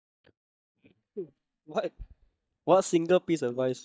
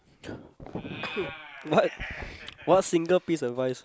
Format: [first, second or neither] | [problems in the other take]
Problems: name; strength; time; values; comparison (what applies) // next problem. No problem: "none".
second | noise reduction (neural mask model DeepFilterNet 3)